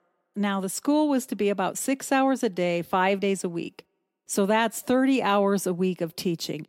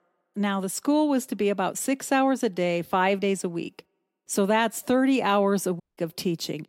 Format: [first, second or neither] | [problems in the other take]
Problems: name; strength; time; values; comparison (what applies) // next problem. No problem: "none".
first | audio cutting out; at 6 s